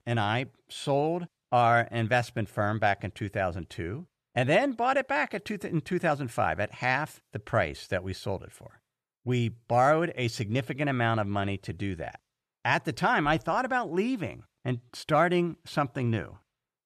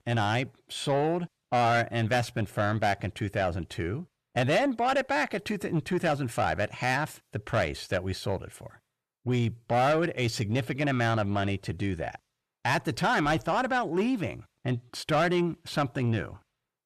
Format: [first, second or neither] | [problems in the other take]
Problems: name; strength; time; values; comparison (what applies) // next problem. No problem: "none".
first | distortion; slight; 10 dB below the speech